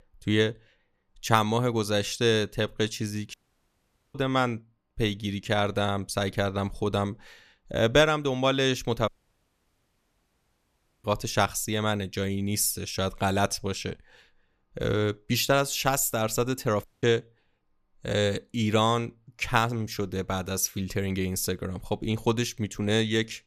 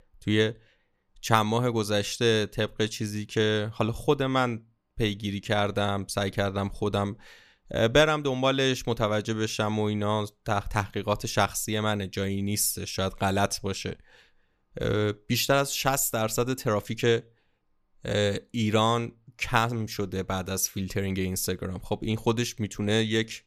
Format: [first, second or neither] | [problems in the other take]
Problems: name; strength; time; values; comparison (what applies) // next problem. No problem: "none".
second | audio cutting out; at 3.5 s for 1 s, at 9 s for 2 s and at 17 s